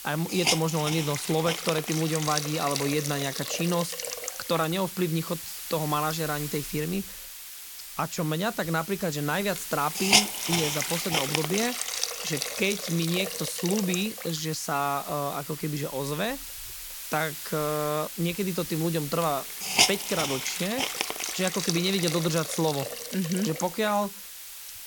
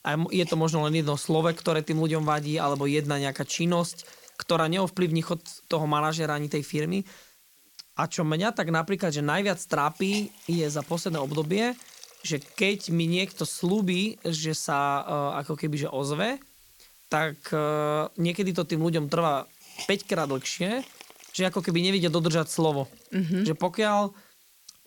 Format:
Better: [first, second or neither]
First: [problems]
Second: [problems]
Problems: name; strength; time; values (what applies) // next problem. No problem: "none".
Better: second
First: hiss; loud; throughout; 1 dB below the speech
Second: hiss; faint; throughout; 20 dB below the speech